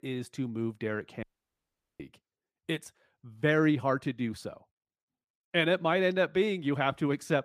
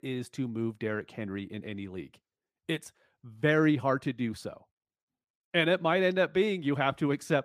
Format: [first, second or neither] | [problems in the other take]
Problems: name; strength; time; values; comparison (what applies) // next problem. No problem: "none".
second | audio cutting out; at 1 s for 1 s